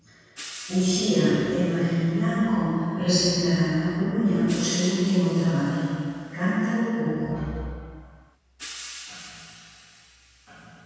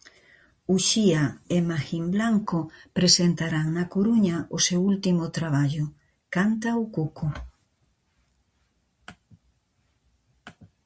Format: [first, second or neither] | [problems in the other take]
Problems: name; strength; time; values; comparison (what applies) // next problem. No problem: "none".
second | background sound (Hi-hat); 20 dB below the speech // room echo; dies away in 2.2 s